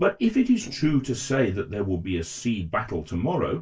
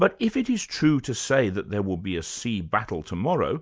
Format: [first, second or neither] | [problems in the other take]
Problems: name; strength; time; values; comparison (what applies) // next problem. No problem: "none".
second | noise reduction (neural separator model SepFormer DNS4)